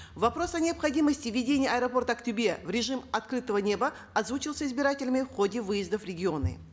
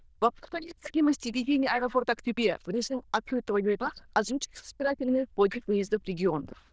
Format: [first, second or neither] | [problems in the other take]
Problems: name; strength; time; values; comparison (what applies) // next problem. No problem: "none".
first | noise reduction (neural diffusion model UNIVERSE++)